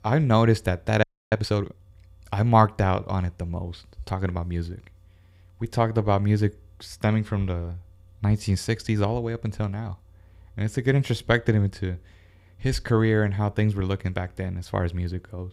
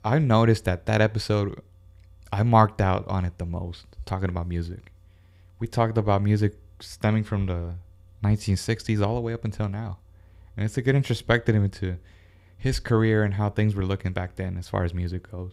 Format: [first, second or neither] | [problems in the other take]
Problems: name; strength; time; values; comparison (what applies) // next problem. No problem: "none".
second | audio freezing; at 1 s